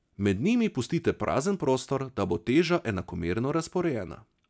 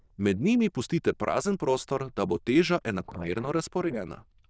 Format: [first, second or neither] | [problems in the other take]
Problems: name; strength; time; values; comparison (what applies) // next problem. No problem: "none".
first | noise reduction (neural diffusion model UNIVERSE++)